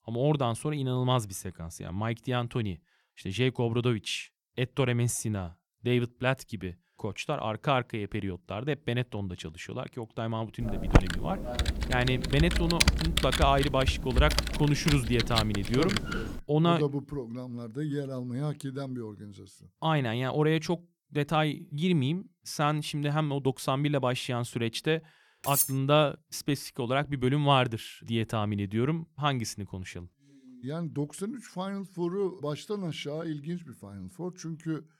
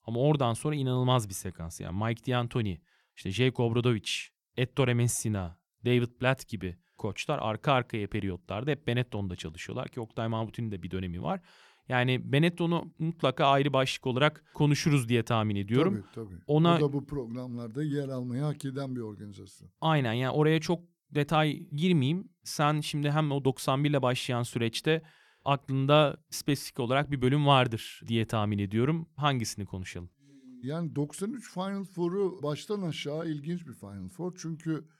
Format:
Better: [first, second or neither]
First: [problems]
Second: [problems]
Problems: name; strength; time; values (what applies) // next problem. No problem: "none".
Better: second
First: keyboard typing; loud; from 11 to 16 s; peak 5 dB above the speech // clattering dishes; loud; at 25 s; peak 3 dB above the speech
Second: none